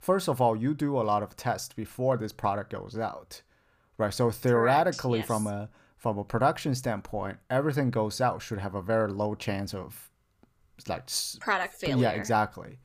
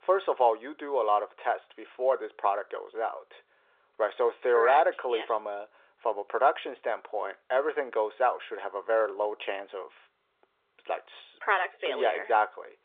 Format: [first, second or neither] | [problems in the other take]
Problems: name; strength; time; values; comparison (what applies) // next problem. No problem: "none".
first | phone-call audio